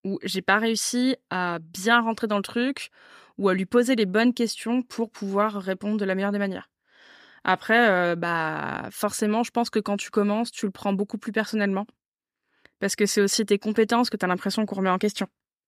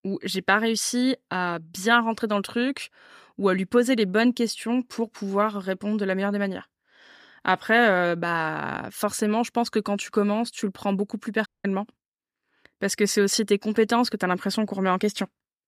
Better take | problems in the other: first | audio cutting out; at 11 s

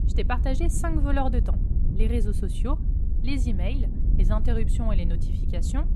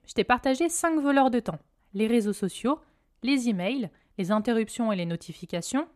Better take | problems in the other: second | wind noise on the microphone; heavy; 9 dB below the speech

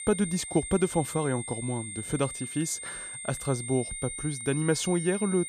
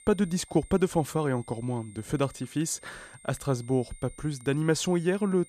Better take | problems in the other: second | high-pitched whine; loud; throughout; 9 kHz, 6 dB below the speech; faint in the second

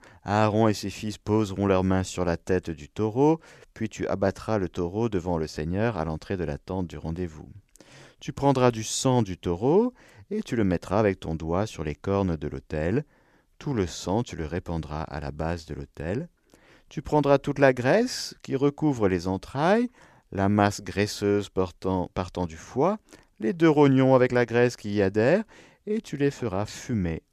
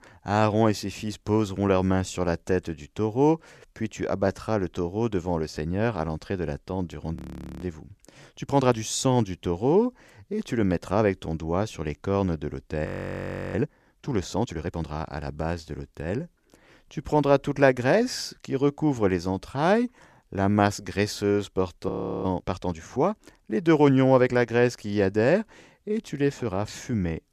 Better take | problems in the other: first | audio freezing; at 7 s, at 13 s for 0.5 s and at 22 s

